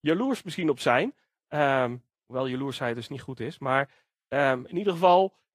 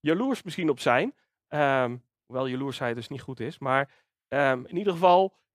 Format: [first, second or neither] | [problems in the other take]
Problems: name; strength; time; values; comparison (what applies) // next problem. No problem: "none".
second | garbled, watery; slightly; nothing above 15 kHz